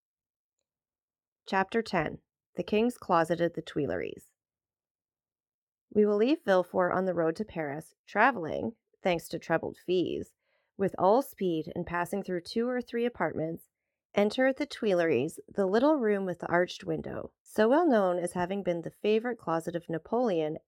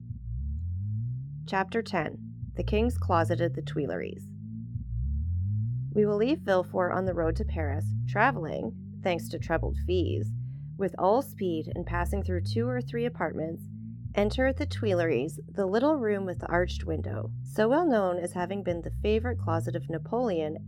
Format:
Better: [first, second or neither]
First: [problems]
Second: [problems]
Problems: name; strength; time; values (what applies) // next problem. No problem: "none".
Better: first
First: none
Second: low rumble; noticeable; throughout; 20 dB below the speech